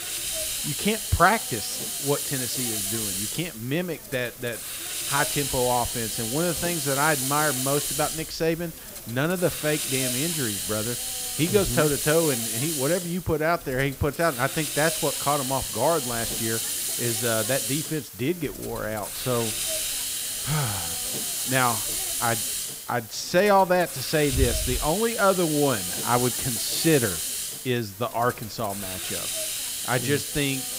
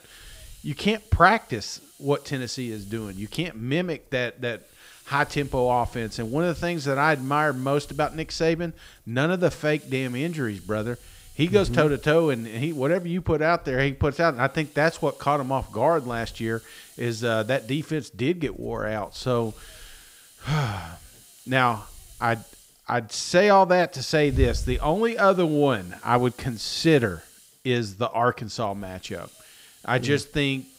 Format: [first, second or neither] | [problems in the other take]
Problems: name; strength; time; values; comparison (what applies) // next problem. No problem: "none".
second | hiss; loud; throughout; 1 dB below the speech; faint in the second